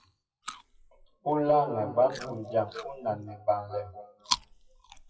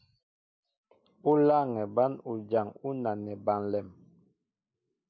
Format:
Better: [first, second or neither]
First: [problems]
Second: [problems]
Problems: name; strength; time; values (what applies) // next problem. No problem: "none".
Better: second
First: noise reduction (classical method WPE with log-MMSE)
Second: none